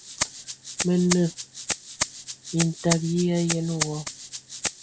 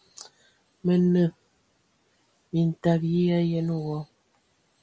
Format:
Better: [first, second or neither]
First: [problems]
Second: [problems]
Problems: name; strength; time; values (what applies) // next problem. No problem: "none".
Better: second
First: background sound (Rattle (instrument)); 5 dB below the speech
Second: none